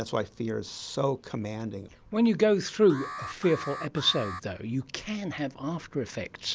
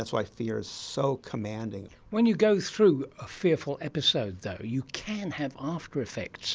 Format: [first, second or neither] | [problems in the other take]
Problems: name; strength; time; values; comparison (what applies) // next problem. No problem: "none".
second | background sound (Alarm); 10 dB below the speech